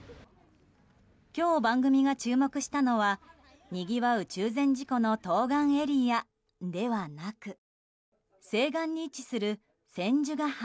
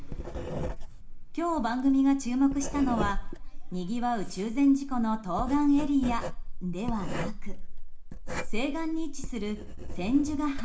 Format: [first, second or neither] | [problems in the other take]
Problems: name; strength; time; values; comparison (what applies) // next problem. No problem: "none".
first | background sound (Writing); 3 dB below the speech // room echo; dies away in 0.4 s